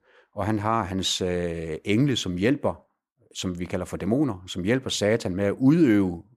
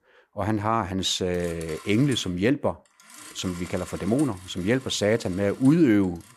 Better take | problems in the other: first | alarms or sirens; noticeable; throughout; 20 dB below the speech

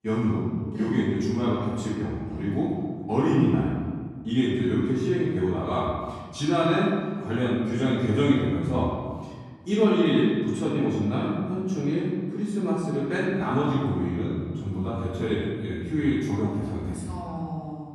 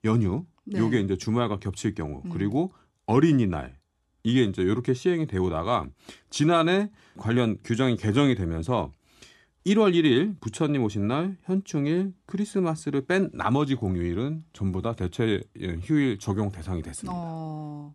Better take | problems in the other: second | off-mic speech; far // room echo; strong; dies away in 1.6 s

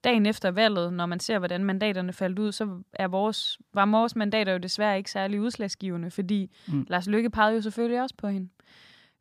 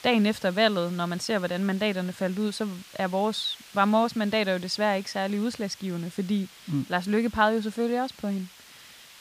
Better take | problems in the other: first | hiss; noticeable; throughout; 20 dB below the speech

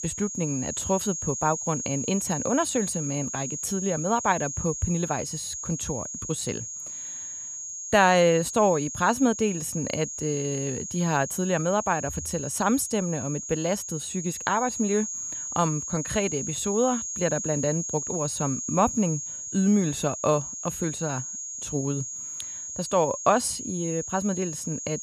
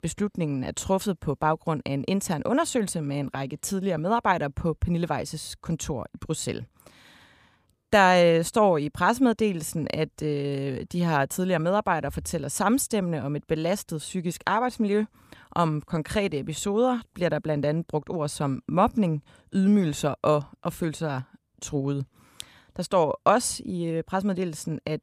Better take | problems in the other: second | high-pitched whine; loud; throughout; 6.5 kHz, 5 dB below the speech

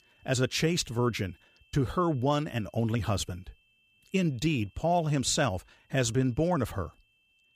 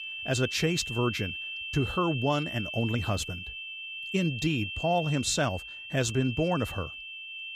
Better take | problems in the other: first | high-pitched whine; loud; throughout; 2.5 kHz, 6 dB below the speech; faint in the first

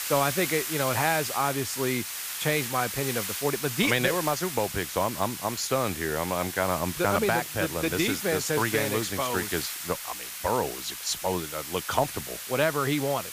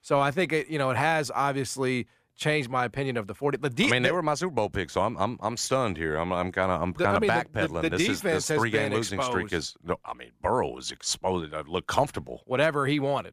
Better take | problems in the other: second | hiss; loud; throughout; 5 dB below the speech

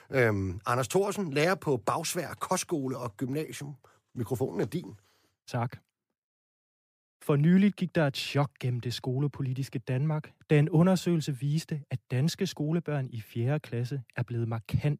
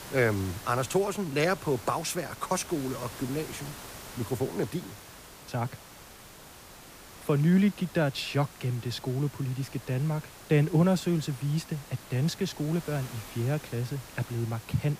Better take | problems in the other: first | hiss; noticeable; throughout; 15 dB below the speech

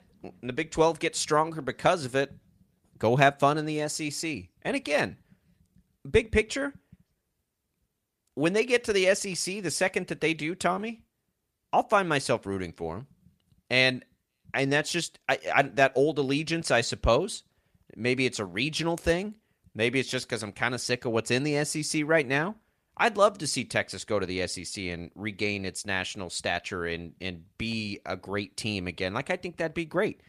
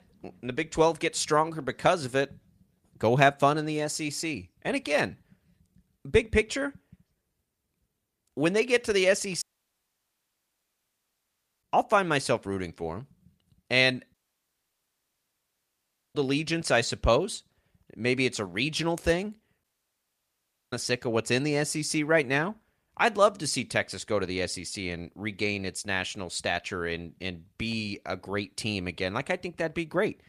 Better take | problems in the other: first | audio cutting out; at 9.5 s for 2 s, at 14 s for 2 s and at 20 s for 1 s

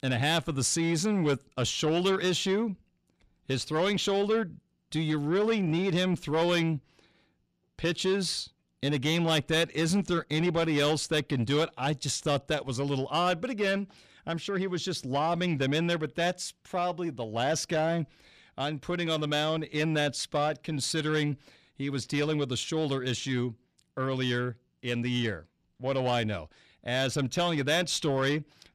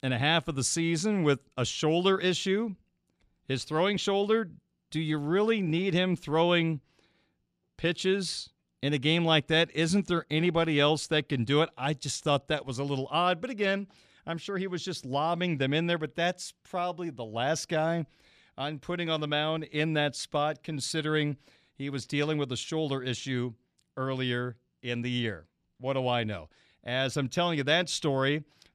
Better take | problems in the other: second | distortion; slight; 10 dB below the speech

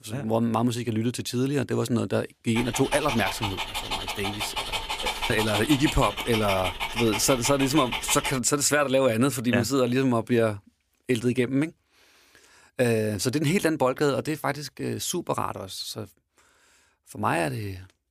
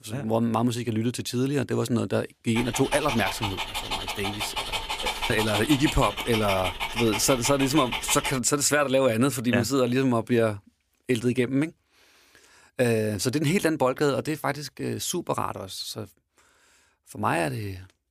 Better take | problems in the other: neither | dog barking; noticeable; from 2.5 to 8.5 s; peak 2 dB below the speech; the same in both

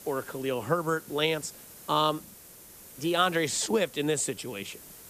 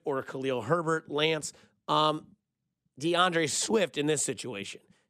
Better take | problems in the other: second | hiss; noticeable; throughout; 20 dB below the speech

